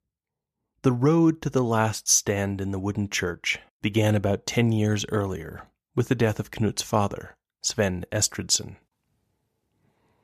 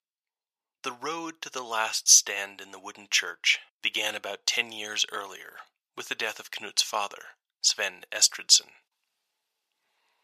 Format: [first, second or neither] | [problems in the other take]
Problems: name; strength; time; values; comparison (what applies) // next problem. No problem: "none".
first | thin; very; fading below 1 kHz